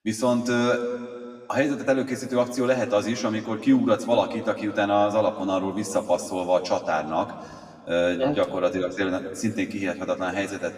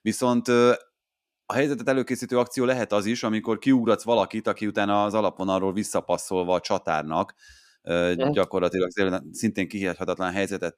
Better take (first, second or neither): second